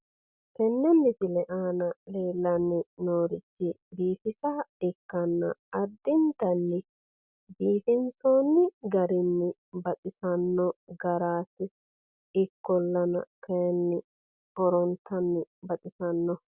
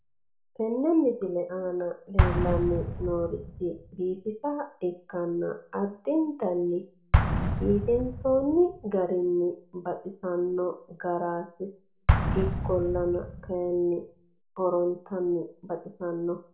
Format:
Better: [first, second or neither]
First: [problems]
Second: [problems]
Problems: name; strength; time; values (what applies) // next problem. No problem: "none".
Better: first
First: none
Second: background sound (Explosion); 3 dB below the speech // room echo; dies away in 0.4 s